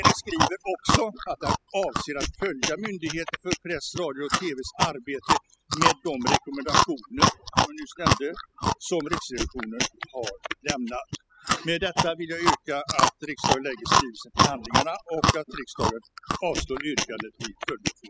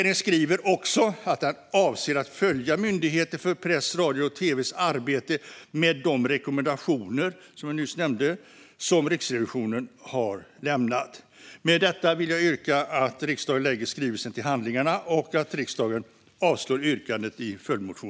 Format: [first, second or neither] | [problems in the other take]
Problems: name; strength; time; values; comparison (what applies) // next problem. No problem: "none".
second | noise reduction (classical method spectral subtraction)